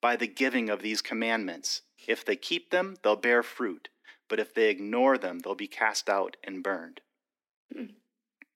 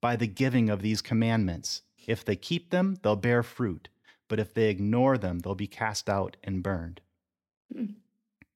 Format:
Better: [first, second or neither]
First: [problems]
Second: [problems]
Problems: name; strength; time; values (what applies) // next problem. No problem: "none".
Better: second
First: thin; somewhat; fading below 250 Hz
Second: none